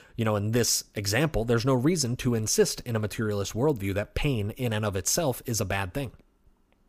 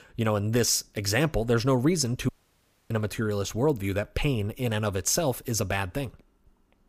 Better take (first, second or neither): first